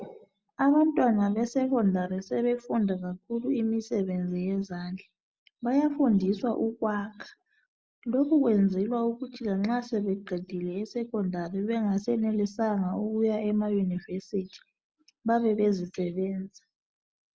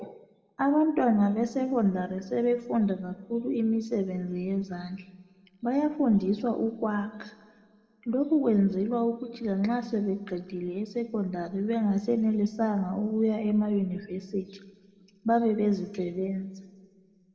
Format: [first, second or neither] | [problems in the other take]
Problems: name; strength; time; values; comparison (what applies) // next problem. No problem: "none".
first | room echo; dies away in 1.5 s